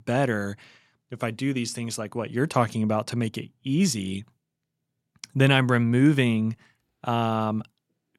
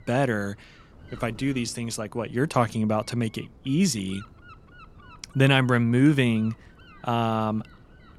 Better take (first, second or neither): first